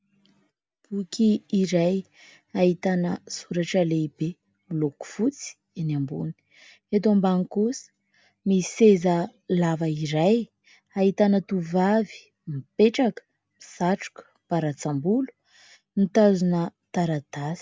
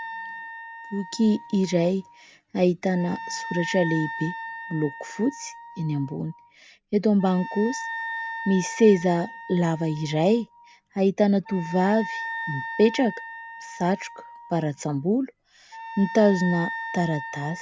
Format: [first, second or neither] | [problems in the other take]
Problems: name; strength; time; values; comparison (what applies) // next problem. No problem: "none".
first | background sound (Wind instrument, woodwind instrument); 11 dB below the speech